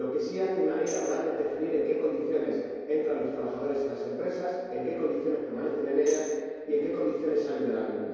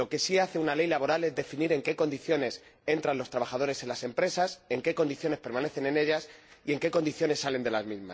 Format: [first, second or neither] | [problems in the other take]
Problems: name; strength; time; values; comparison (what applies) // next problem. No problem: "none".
second | background sound (Tambourine); 19 dB below the speech // room echo; dies away in 2.2 s